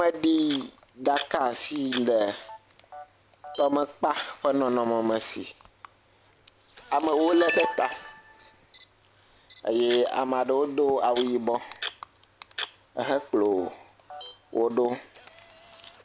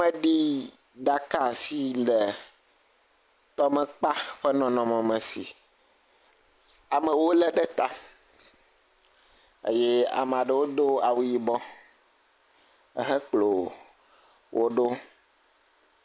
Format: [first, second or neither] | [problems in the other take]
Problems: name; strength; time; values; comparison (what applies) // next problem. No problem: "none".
second | background sound (Camera); 13 dB below the speech